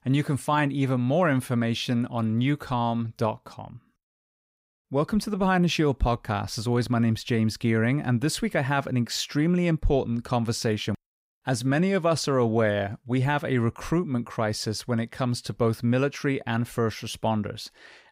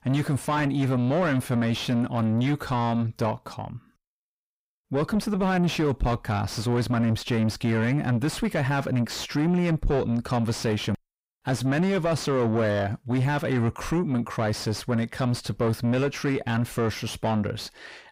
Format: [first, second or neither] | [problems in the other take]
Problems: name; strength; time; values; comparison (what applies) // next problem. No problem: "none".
first | distortion; slight; 10 dB below the speech